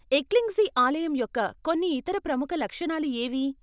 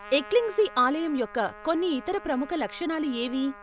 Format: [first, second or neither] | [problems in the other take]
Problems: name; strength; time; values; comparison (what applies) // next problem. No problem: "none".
first | background sound (Trumpet); 18 dB below the speech